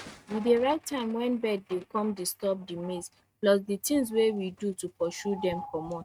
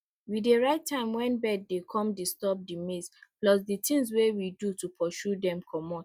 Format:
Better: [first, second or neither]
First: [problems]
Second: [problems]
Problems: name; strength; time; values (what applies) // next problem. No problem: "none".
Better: second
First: noise reduction (neural mask model RNNoise)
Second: none